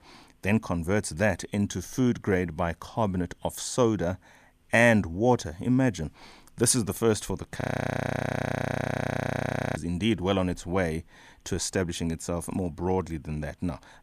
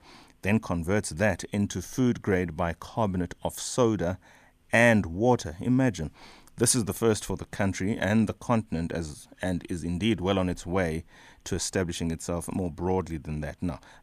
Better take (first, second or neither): second